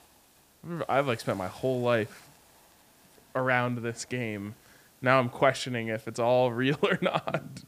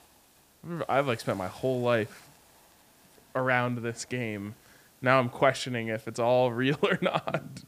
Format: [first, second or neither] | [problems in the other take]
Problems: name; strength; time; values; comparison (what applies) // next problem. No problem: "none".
neither | hiss; faint; throughout; 30 dB below the speech; the same in both